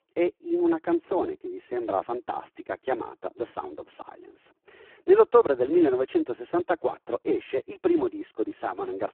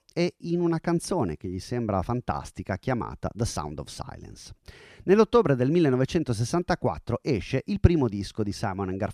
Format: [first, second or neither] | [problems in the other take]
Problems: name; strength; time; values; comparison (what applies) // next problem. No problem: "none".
second | phone-call audio; poor line